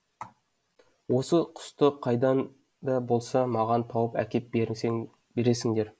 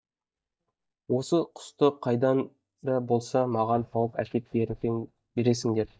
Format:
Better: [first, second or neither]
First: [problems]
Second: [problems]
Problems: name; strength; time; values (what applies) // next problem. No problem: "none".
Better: first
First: none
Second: noise reduction (neural mask model DeepFilterNet 3)